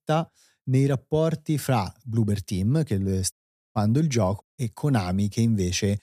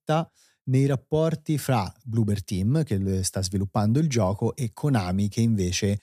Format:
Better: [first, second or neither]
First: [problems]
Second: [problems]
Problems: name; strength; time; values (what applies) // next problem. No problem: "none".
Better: second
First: audio cutting out; at 3.5 s and at 4.5 s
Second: none